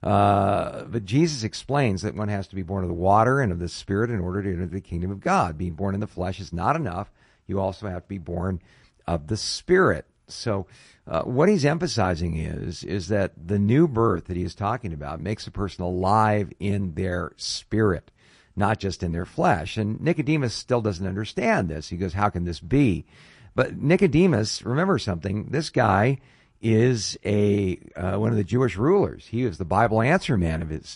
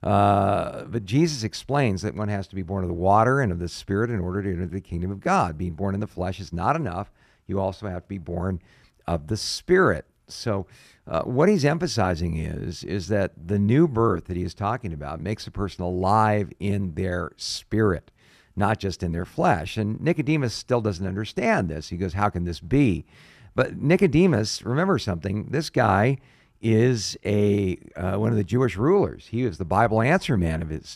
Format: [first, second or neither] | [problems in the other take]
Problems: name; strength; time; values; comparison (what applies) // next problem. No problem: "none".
second | garbled, watery; slightly; nothing above 10.5 kHz